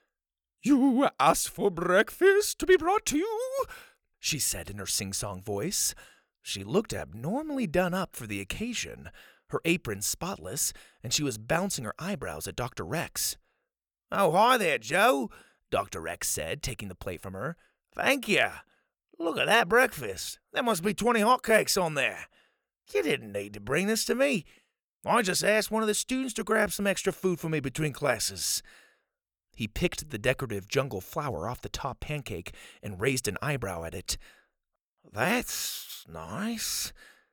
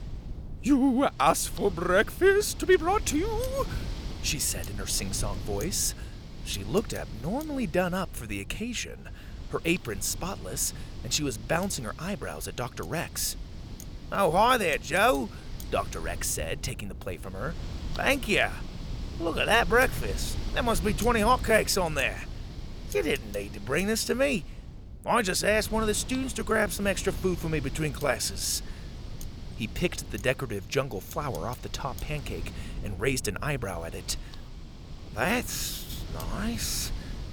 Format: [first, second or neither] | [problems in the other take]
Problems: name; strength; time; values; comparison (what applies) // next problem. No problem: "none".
first | wind noise on the microphone; occasional gusts; 20 dB below the speech